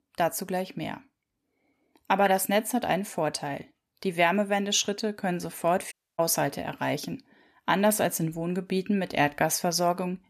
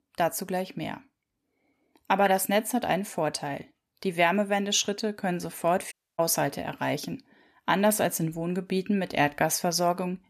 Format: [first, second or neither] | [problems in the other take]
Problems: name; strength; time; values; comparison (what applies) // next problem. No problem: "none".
neither | audio cutting out; at 6 s; the same in both